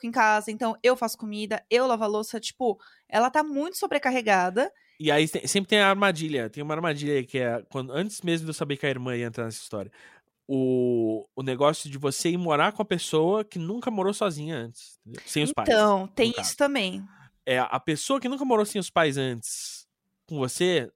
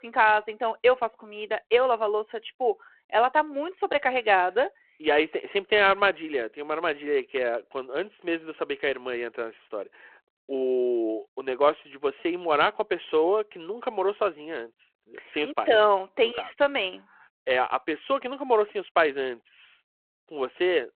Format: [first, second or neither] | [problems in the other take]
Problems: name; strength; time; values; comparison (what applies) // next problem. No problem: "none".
first | phone-call audio